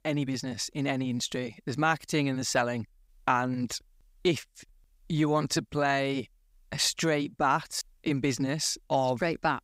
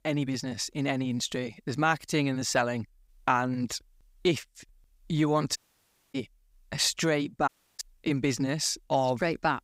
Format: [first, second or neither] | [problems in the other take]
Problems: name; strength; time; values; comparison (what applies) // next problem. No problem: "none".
first | audio cutting out; at 5.5 s for 0.5 s and at 7.5 s